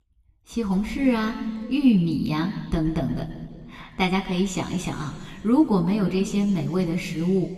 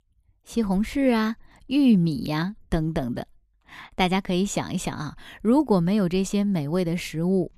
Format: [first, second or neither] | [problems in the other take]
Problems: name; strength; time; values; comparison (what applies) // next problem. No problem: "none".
second | room echo; slight; dies away in 1.9 s